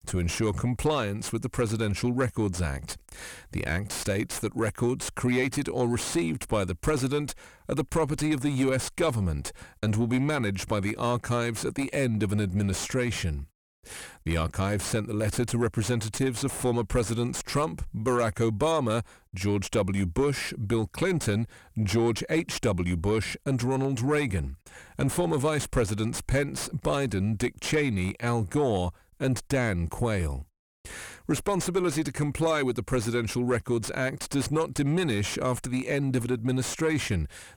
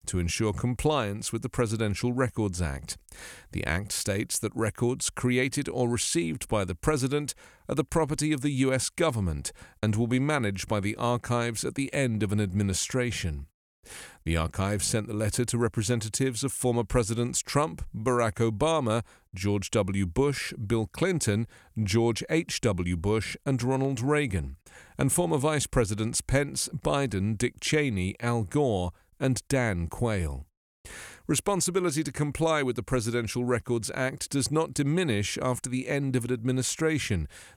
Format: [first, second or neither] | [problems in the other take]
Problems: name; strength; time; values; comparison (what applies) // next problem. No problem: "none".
second | distortion; slight; 9 dB below the speech